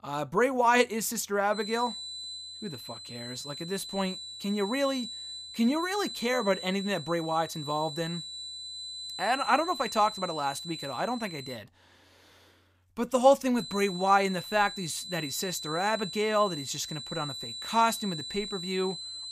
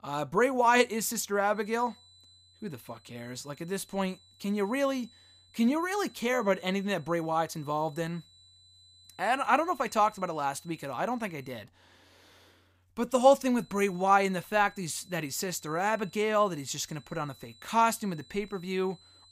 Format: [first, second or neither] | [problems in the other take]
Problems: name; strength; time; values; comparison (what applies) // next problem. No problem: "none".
second | high-pitched whine; loud; from 1.5 to 12 s and from 14 s on; 4 kHz, 9 dB below the speech; faint in the second